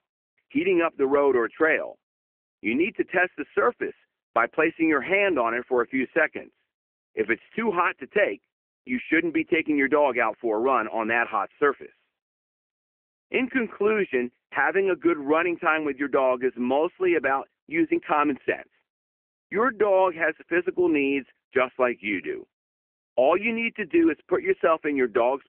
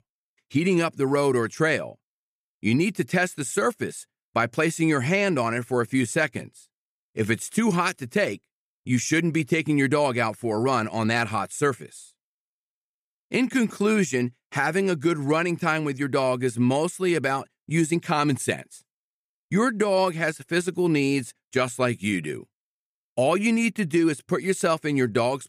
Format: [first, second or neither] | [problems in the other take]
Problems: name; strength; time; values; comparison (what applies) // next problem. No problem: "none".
second | phone-call audio